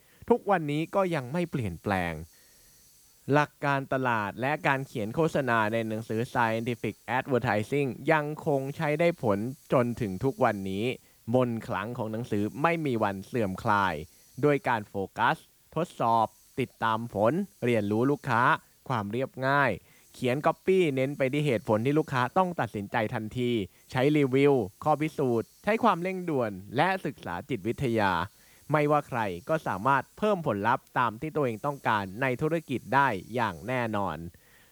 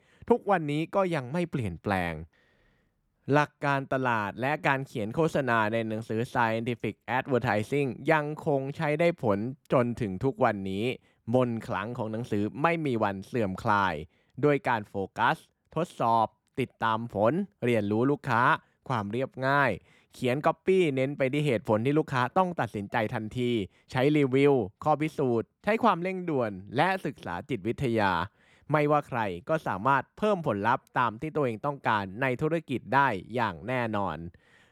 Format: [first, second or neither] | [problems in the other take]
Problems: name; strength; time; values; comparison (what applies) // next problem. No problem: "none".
second | hiss; faint; throughout; 30 dB below the speech